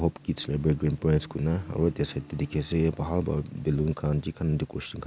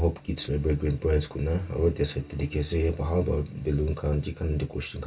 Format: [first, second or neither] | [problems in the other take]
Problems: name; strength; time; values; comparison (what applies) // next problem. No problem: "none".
first | room echo; dies away in 0.2 s